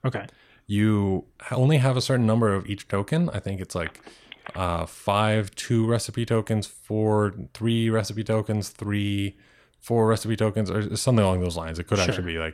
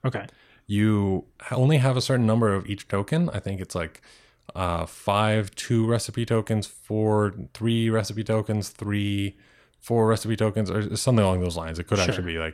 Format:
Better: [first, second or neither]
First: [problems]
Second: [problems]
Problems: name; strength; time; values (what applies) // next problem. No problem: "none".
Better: second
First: phone ringing; faint; at 4 s; peak 15 dB below the speech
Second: none